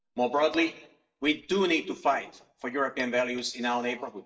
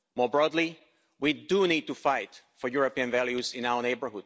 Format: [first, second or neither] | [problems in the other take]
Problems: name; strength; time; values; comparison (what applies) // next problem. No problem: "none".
second | noise reduction (neural mask model DeepFilterNet 3)